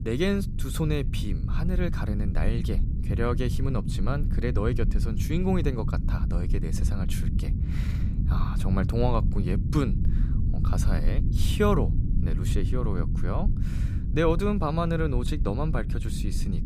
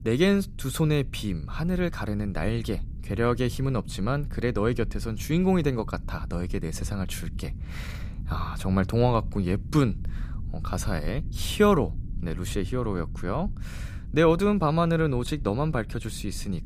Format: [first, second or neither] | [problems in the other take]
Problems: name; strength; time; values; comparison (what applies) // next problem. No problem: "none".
second | low rumble; loud; throughout; 9 dB below the speech; faint in the second